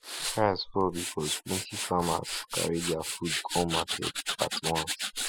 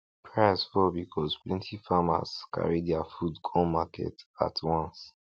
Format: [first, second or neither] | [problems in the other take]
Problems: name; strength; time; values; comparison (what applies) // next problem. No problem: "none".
second | noise reduction (classical method spectral subtraction)